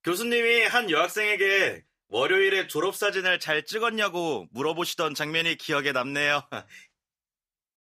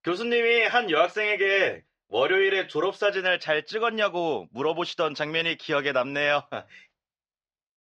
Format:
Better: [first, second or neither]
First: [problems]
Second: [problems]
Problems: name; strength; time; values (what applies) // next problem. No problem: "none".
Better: first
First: none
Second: muffled; very slightly; fading above 5 kHz